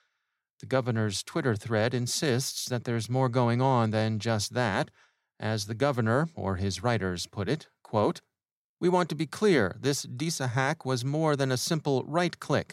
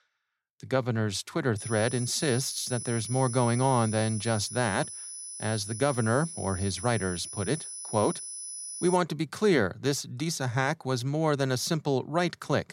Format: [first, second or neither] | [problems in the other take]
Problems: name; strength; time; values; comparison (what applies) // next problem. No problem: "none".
first | high-pitched whine; loud; from 1.5 to 9 s; 10 kHz, 8 dB below the speech